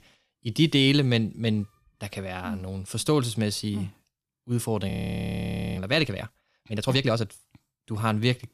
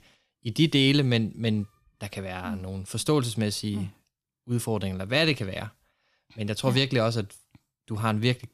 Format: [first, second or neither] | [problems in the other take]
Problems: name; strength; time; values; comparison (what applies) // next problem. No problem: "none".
second | audio freezing; at 5 s for 1 s